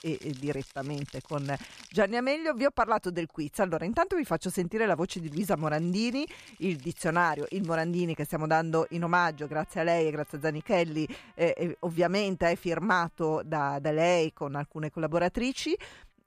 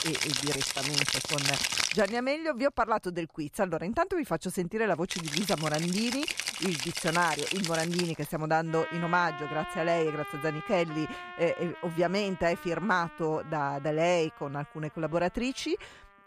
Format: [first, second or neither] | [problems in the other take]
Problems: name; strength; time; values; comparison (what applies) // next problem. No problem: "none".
first | background music; loud; throughout; 2 dB below the speech; faint in the first